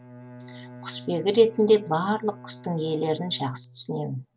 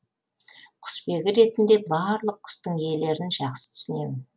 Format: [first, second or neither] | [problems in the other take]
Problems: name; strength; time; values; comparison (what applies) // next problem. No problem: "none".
second | background sound (Bowed string instrument); 19 dB below the speech